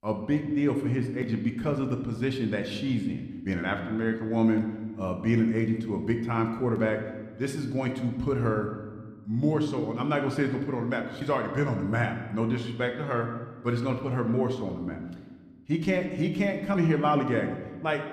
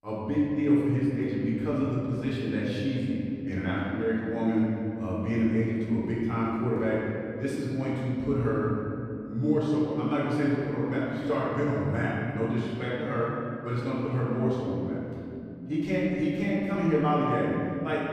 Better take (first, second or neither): first